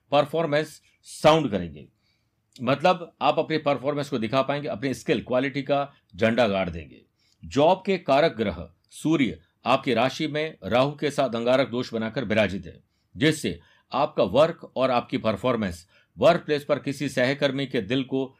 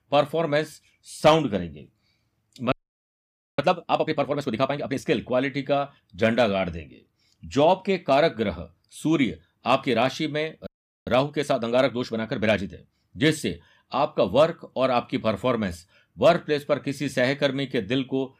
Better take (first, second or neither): first